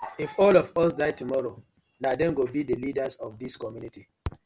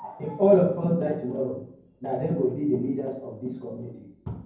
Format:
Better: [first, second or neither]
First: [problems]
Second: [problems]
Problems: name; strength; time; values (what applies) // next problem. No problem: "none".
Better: first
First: none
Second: room echo; dies away in 0.9 s